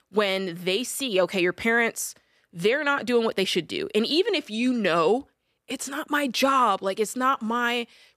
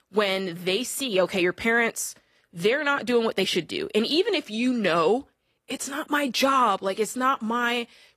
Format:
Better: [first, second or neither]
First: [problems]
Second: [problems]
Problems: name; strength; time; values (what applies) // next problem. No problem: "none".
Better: first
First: none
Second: garbled, watery; slightly; nothing above 14.5 kHz